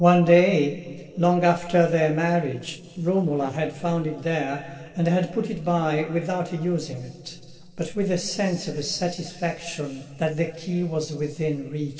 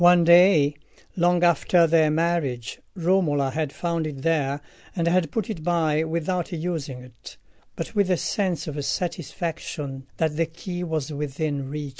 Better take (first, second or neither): second